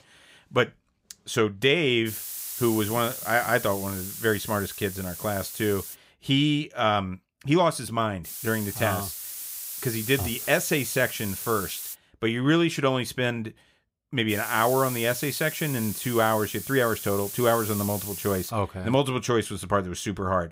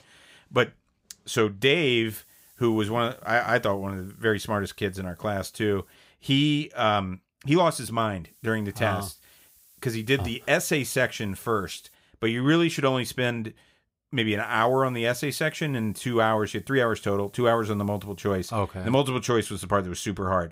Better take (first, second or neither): second